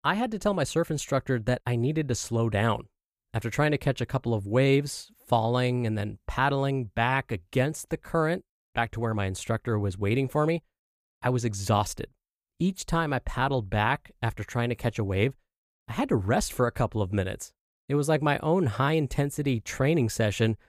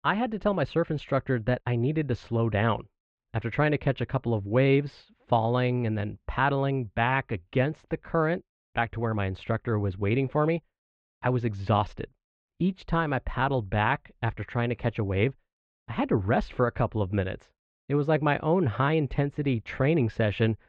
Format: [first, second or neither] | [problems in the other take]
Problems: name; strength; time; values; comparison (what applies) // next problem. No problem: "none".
first | muffled; very; fading above 3 kHz